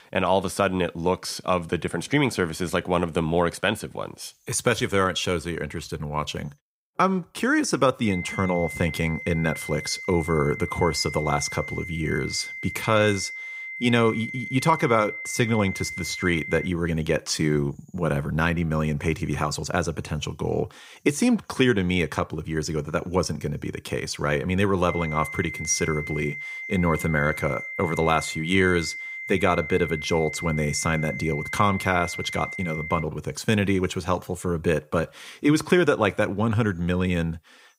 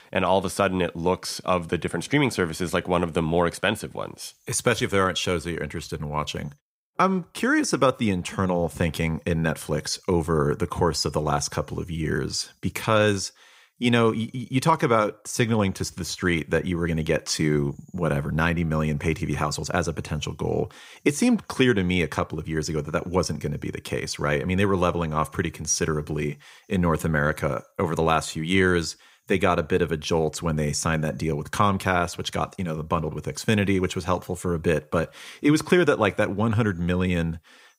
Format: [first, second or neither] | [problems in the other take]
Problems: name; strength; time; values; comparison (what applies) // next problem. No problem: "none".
second | high-pitched whine; loud; from 8 to 17 s and from 25 to 33 s; 2 kHz, 8 dB below the speech